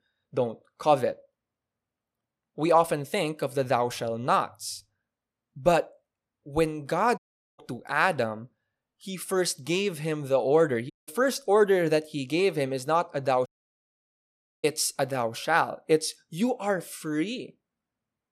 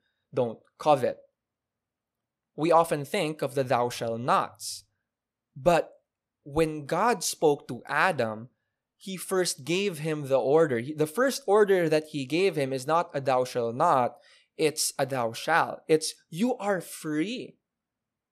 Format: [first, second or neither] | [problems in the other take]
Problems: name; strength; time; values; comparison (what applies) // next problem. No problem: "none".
second | audio cutting out; at 7 s, at 11 s and at 13 s for 1 s